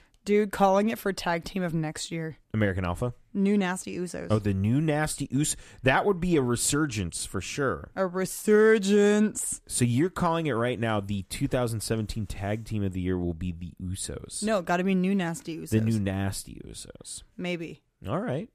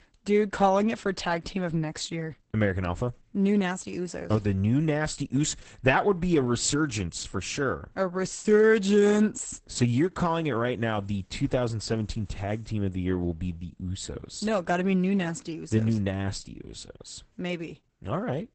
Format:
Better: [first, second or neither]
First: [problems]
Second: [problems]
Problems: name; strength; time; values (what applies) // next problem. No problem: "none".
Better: first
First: none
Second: garbled, watery; badly; nothing above 8 kHz